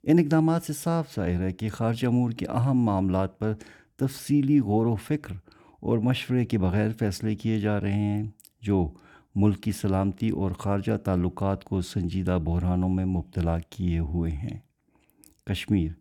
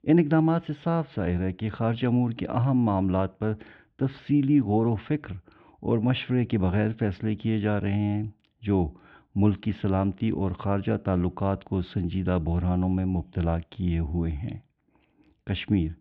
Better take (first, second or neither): first